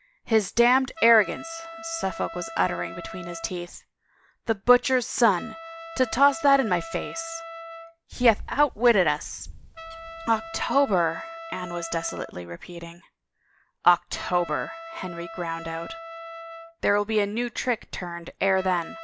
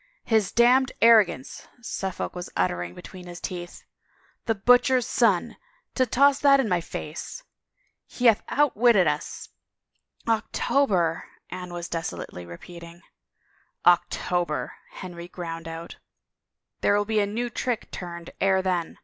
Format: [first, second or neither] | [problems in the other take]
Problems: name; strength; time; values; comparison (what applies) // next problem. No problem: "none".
second | background sound (Bird + Trumpet); 14 dB below the speech